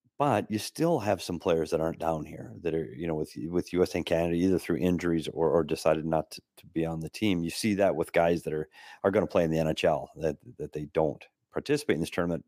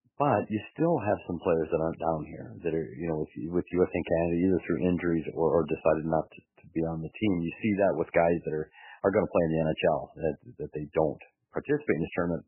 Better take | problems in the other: first | garbled, watery; badly; nothing above 3 kHz

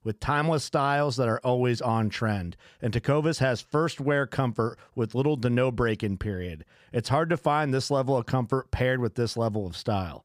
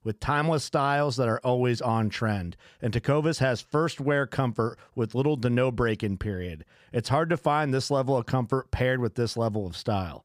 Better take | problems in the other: neither | none

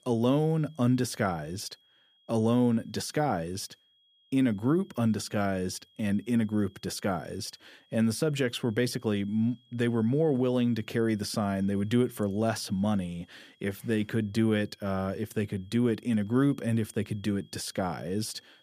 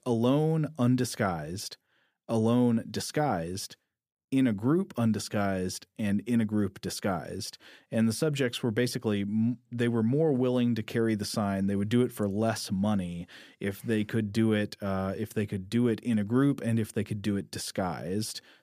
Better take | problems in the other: second | high-pitched whine; faint; throughout; 3.5 kHz, 35 dB below the speech

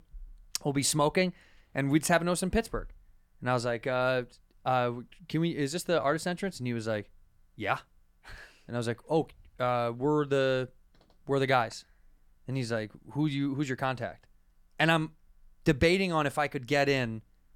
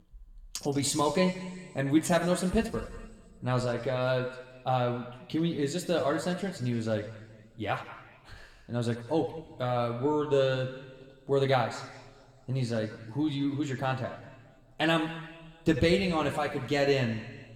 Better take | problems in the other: first | room echo; slight; dies away in 1.5 s

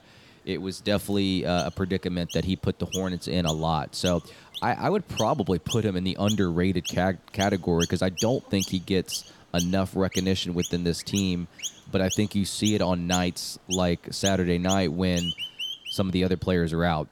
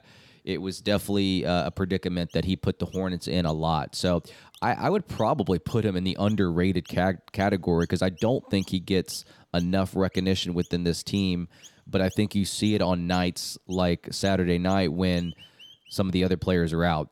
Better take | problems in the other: second | animal sounds; loud; throughout; 9 dB below the speech; faint in the second

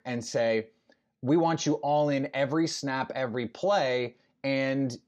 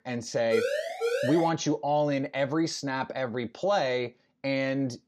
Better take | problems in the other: first | siren; noticeable; at 0.5 s; peak level with the speech

